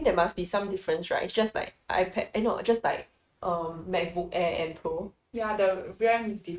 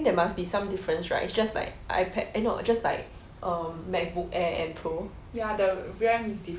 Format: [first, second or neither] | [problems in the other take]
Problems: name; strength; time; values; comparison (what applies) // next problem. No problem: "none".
second | noise reduction (neural mask model RNNoise)